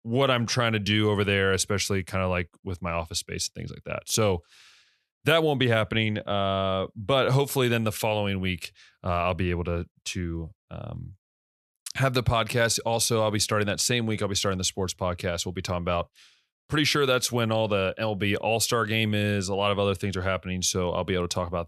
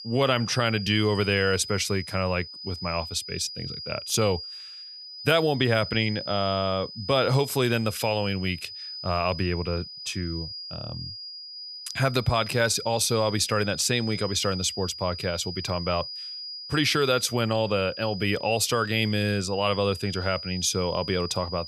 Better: first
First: none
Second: high-pitched whine; loud; throughout; 5 kHz, 10 dB below the speech

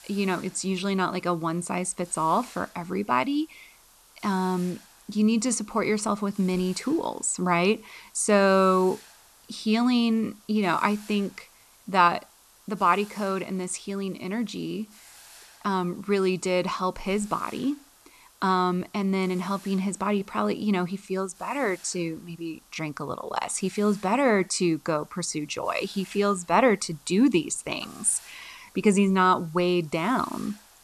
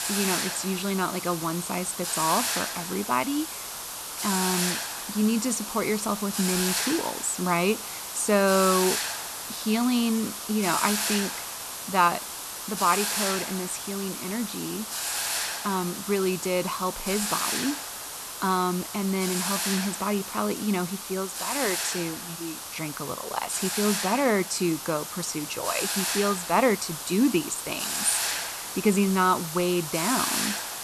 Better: first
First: hiss; faint; throughout; 25 dB below the speech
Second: hiss; loud; throughout; 2 dB below the speech

